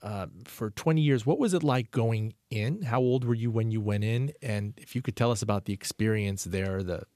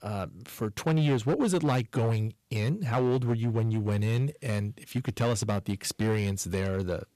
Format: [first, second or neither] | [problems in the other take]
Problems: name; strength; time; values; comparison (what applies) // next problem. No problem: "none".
first | distortion; slight; 7% of the sound clipped